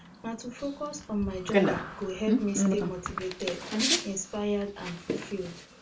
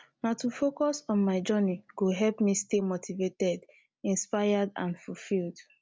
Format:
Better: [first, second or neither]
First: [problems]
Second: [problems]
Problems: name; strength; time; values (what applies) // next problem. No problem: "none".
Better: second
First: background sound (Bicycle); 2 dB above the speech // room echo; dies away in 0.2 s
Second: none